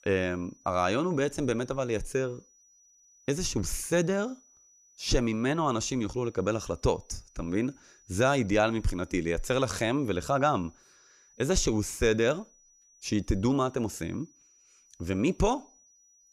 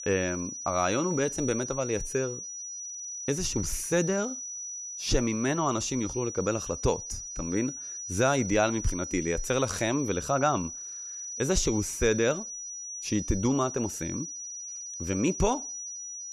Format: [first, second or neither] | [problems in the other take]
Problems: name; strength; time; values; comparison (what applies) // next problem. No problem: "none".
first | high-pitched whine; loud; throughout; 6 kHz, 7 dB below the speech; faint in the first